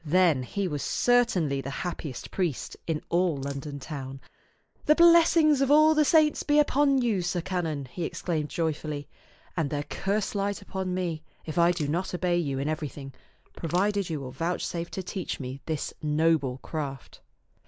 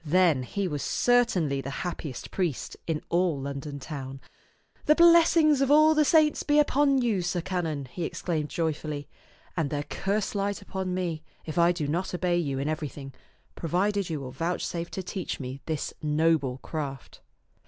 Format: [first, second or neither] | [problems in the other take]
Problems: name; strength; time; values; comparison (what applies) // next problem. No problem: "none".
second | noise reduction (neural mask model Resemble Enhance denoiser)